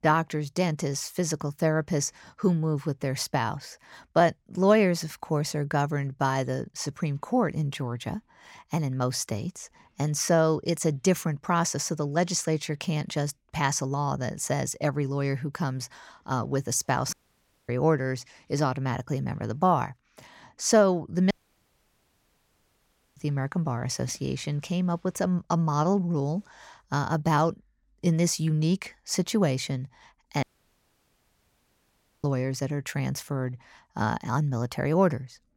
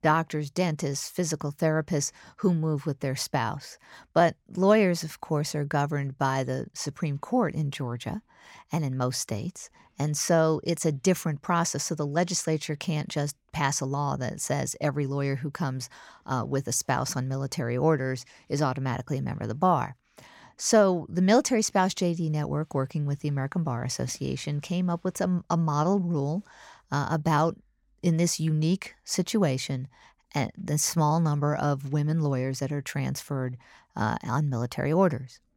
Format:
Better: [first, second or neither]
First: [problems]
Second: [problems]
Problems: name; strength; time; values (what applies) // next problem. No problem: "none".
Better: second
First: audio cutting out; at 17 s for 0.5 s, at 21 s for 2 s and at 30 s for 2 s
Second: none